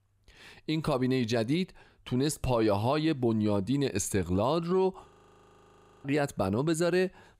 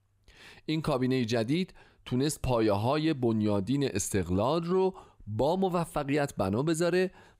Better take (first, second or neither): second